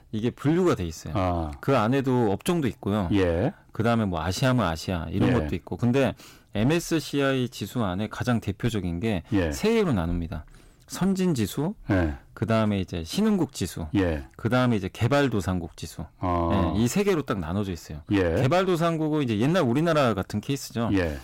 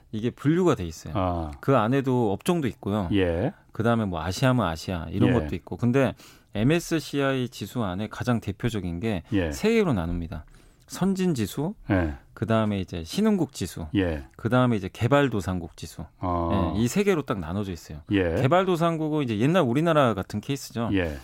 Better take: second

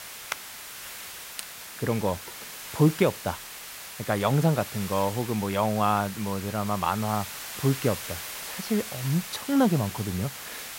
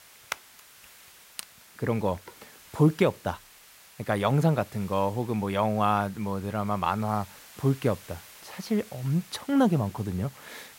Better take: second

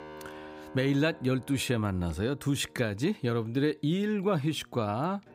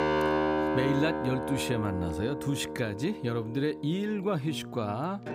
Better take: first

